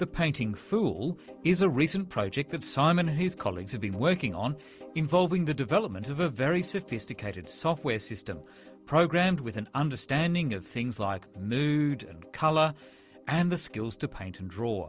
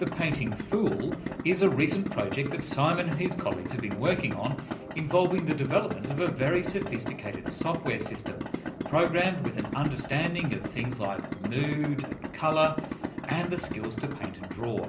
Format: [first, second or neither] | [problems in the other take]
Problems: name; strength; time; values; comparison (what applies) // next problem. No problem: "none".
first | background sound (Idling); 7 dB below the speech // room echo; dies away in 0.5 s